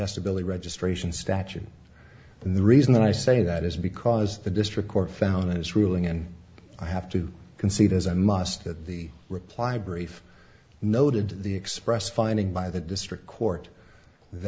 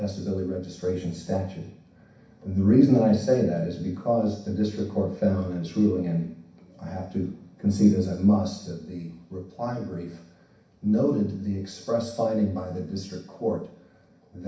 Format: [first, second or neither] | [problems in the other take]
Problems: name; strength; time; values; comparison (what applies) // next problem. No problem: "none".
first | room echo; dies away in 0.6 s